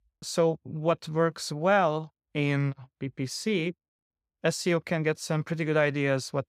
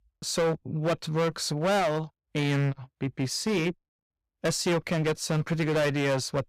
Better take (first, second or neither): first